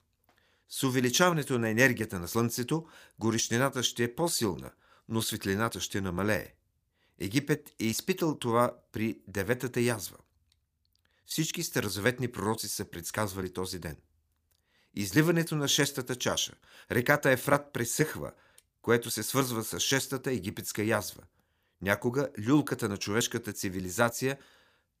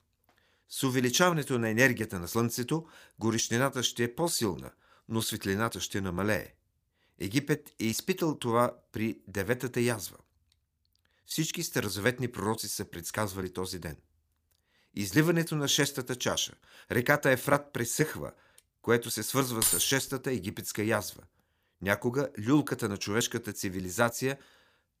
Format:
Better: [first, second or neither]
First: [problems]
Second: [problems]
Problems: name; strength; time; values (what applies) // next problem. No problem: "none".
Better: first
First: none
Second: jangling keys; loud; at 20 s; peak 4 dB above the speech